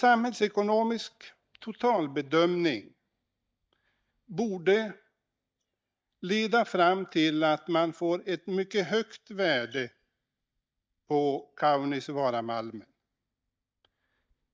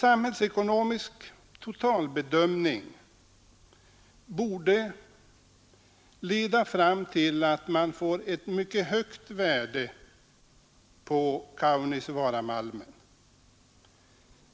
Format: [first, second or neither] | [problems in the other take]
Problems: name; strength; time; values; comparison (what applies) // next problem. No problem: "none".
second | noise reduction (neural mask model DeepFilterNet 3)